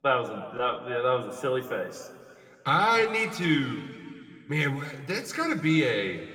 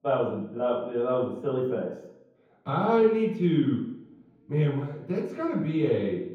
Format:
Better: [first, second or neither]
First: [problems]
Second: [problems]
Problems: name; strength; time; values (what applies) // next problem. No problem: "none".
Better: first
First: room echo; slight; dies away in 2.2 s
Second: room echo; strong; dies away in 0.9 s // off-mic speech; far